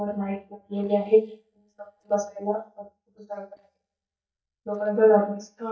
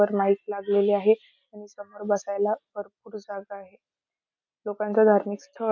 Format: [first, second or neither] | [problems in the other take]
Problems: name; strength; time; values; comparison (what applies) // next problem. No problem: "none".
second | noise reduction (neural mask model DeepFilterNet 3)